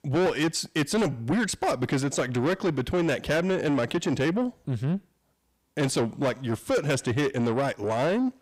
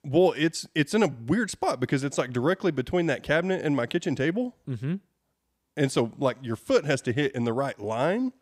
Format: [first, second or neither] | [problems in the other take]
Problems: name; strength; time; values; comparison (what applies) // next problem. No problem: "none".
second | distortion; heavy; 8 dB below the speech